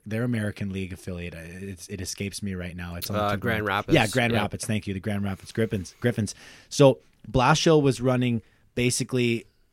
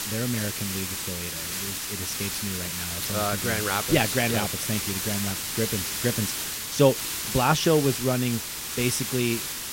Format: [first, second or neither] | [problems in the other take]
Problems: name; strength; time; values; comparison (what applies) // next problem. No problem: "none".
first | hiss; loud; throughout; 2 dB below the speech